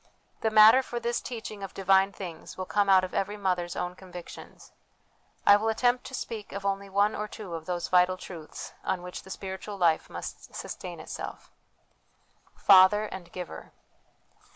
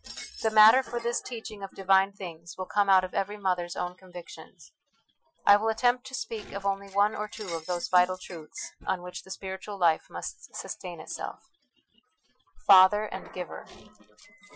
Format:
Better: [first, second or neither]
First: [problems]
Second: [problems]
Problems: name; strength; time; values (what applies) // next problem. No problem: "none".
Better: first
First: none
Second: noise reduction (classical method Wiener filter)